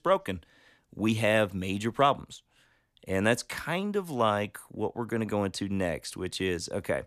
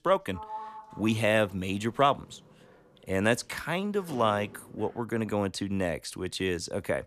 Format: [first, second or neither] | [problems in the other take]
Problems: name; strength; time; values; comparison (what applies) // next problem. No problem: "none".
first | door banging; faint; until 5 s; peak 10 dB below the speech